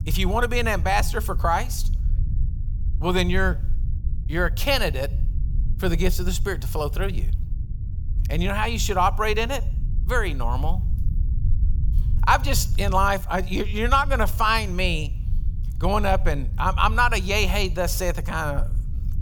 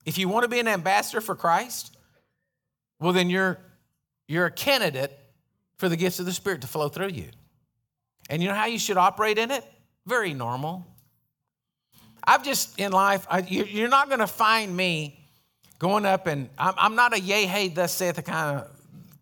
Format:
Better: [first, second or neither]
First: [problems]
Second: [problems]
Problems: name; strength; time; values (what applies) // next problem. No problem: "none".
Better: second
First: low rumble; faint; throughout; 20 dB below the speech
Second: none